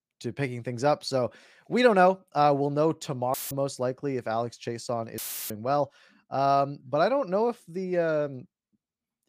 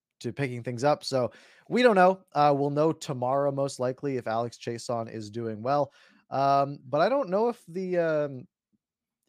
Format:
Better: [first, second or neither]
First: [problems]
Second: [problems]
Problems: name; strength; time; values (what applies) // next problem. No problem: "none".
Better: second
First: audio cutting out; filled with static; at 3.5 s and at 5 s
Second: none